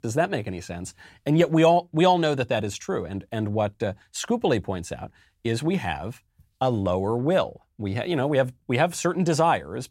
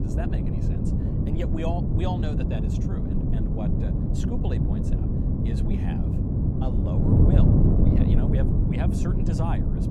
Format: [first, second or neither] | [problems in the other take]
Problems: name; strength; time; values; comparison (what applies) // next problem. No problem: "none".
first | wind noise on the microphone; heavy; 4 dB above the speech